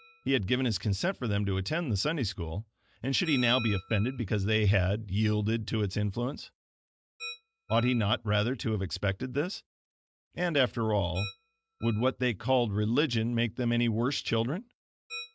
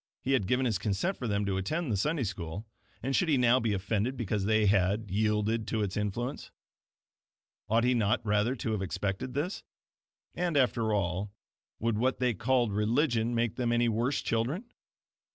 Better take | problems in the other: second | noise reduction (neural mask model RNNoise)

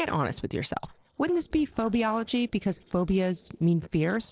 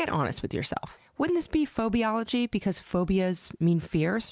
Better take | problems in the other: second | noise reduction (neural separator model SepFormer DNS4)

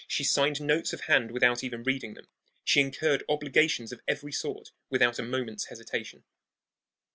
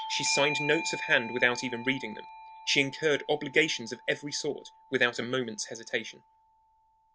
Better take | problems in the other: first | background sound (Bell / Doorbell); 11 dB below the speech

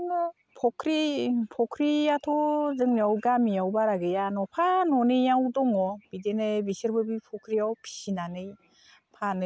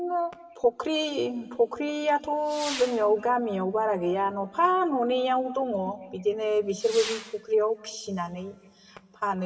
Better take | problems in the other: first | background sound (Whoosh, swoosh, swish / Fireworks); 18 dB below the speech // room echo; dies away in 2.8 s

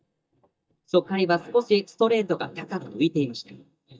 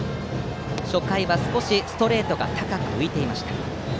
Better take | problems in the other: second | noise reduction (neural mask model DeepFilterNet 3)

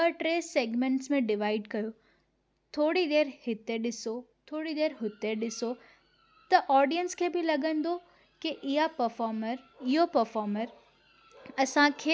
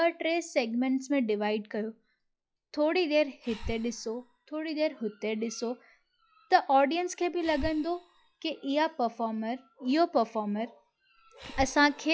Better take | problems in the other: first | noise reduction (classical method log-MMSE)

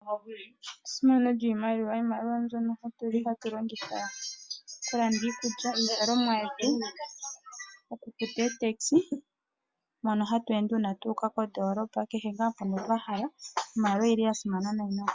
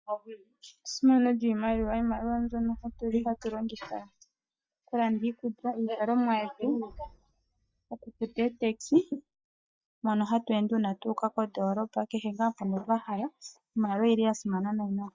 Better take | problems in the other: first | noise reduction (neural mask model DeepFilterNet 3)

